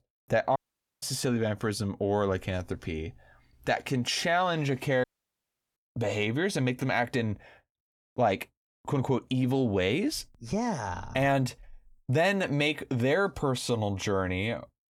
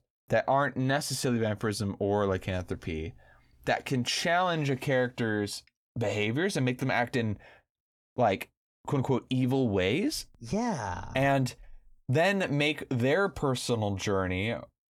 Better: second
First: audio cutting out; at 0.5 s and at 5 s for 0.5 s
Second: none

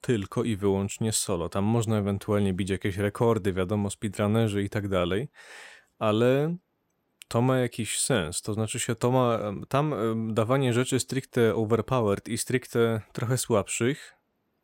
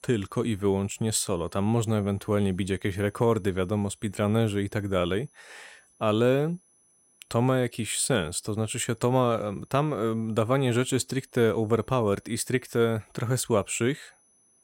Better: first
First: none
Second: high-pitched whine; faint; throughout; 10 kHz, 35 dB below the speech

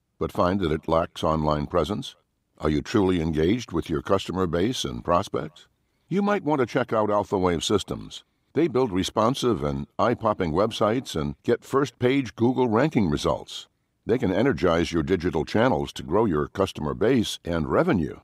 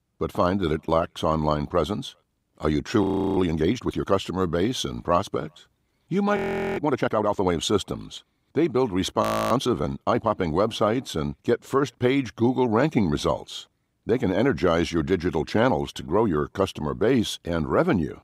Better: first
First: none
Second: audio freezing; at 3 s, at 6.5 s and at 9 s

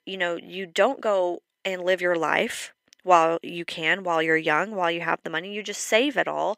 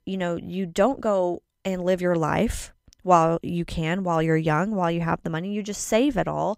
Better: second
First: thin; somewhat; fading below 400 Hz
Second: none

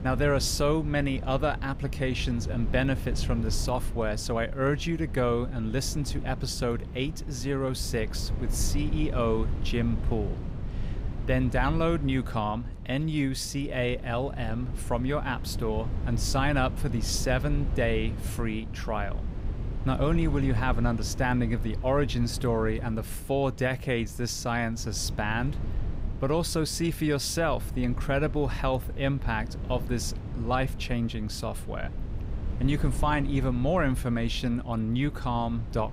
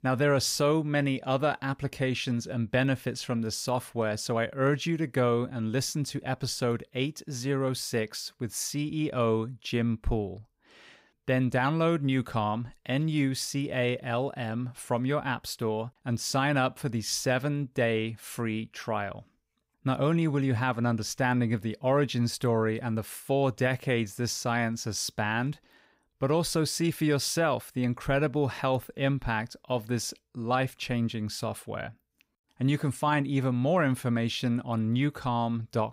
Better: second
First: wind noise on the microphone; occasional gusts; 15 dB below the speech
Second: none

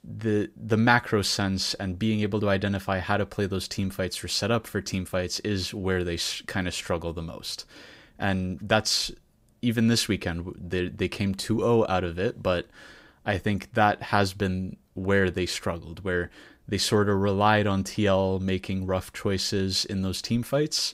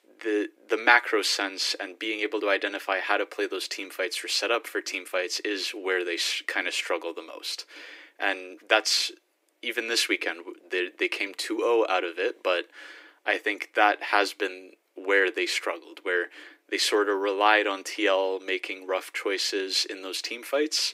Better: first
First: none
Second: thin; very; fading below 300 Hz

